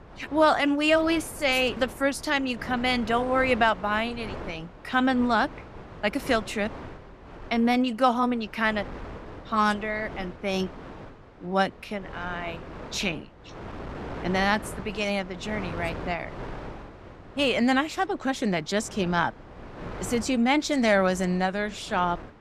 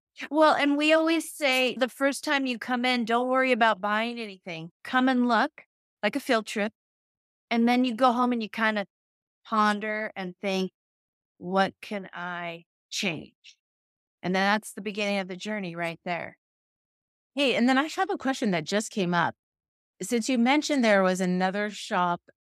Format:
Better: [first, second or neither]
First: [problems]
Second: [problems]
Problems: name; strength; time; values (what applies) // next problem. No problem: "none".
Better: second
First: wind noise on the microphone; occasional gusts; 15 dB below the speech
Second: none